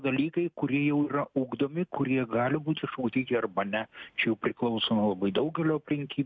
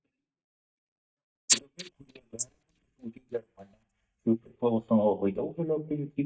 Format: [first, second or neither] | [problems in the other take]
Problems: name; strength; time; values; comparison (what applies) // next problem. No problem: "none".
first | noise reduction (neural mask model DeepFilterNet 3)